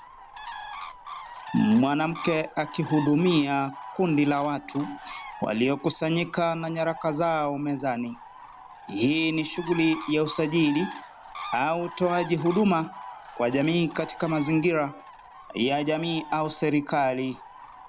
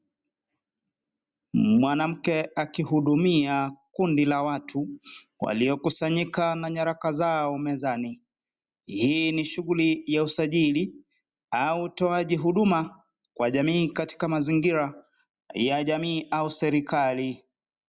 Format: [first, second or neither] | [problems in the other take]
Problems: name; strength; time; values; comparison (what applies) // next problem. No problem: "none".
second | background sound (Bird); 15 dB below the speech